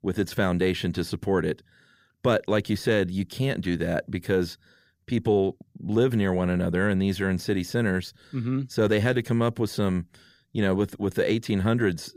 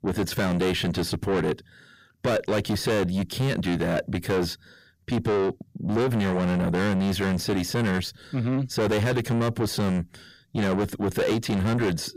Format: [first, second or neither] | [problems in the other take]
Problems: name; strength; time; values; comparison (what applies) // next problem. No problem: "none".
first | distortion; heavy; 8 dB below the speech